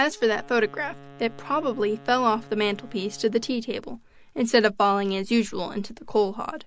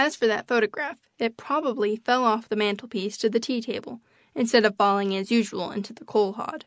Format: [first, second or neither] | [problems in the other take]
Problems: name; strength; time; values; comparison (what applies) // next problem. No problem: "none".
second | background sound (Chirp, tweet + Wind instrument, woodwind instrument); 18 dB below the speech